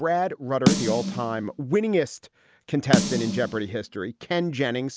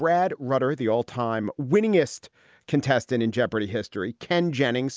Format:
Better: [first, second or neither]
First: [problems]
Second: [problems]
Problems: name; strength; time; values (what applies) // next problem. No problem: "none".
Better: second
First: background sound (Snare drum); 2 dB below the speech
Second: none